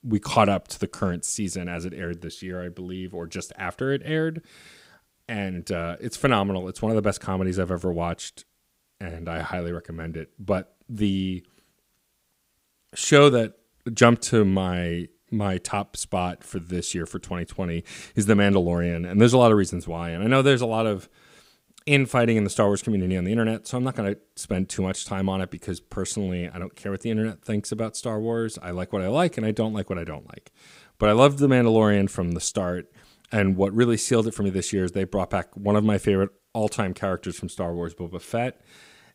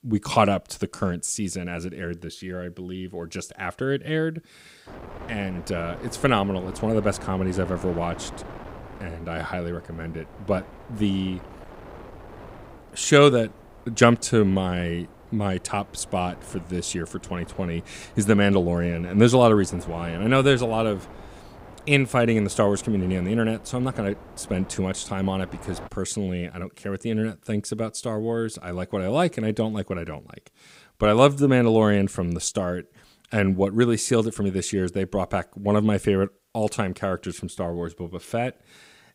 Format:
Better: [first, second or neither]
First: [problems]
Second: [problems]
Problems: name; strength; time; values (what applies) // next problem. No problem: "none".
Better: first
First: none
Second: wind noise on the microphone; occasional gusts; from 5 to 26 s; 20 dB below the speech